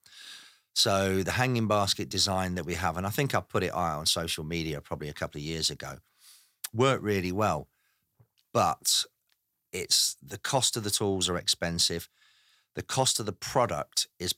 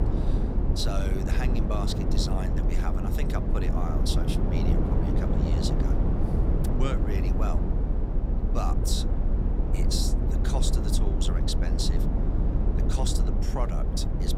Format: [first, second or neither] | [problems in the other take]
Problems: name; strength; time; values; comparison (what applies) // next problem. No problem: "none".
first | low rumble; loud; throughout; 1 dB below the speech